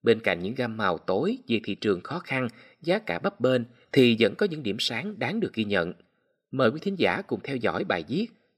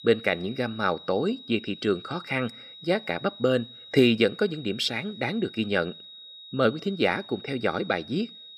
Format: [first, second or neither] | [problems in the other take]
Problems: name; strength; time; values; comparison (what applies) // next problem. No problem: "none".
first | high-pitched whine; noticeable; throughout; 4 kHz, 15 dB below the speech